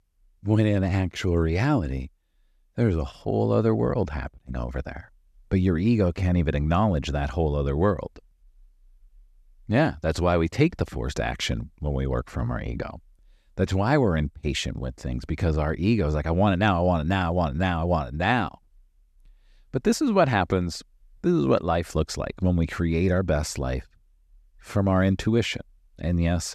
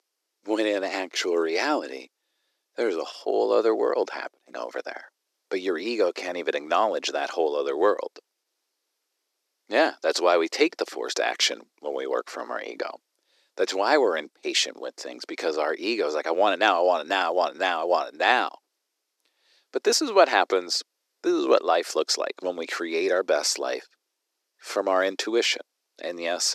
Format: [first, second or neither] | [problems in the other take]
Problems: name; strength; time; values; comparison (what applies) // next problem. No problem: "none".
first | thin; very; fading below 350 Hz